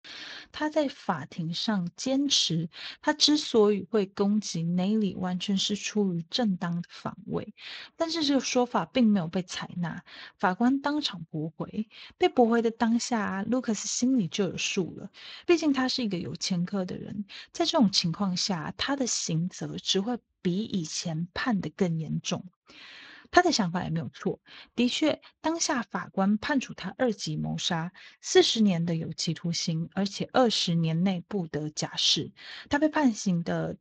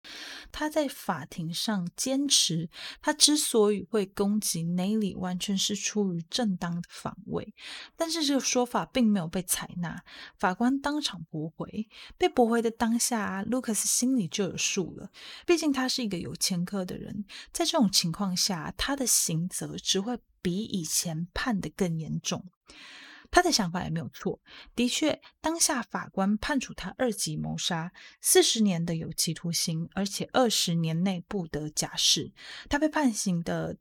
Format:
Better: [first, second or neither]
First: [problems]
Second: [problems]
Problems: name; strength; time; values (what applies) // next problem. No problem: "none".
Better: second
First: garbled, watery; slightly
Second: none